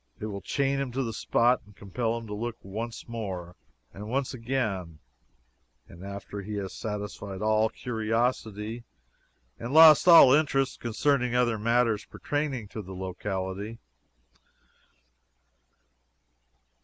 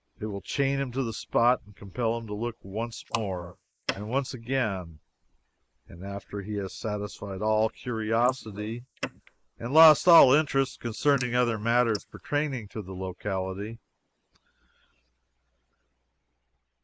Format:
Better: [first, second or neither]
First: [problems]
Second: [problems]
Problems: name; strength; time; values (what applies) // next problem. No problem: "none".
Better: first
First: none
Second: noise reduction (neural mask model Resemble Enhance denoiser)